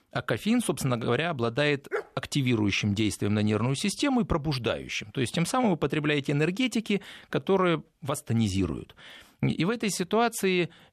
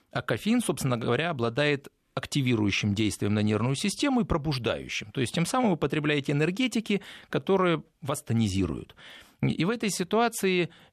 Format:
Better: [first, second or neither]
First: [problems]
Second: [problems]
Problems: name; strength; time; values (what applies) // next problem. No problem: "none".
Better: second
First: dog barking; noticeable; at 2 s; peak 8 dB below the speech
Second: none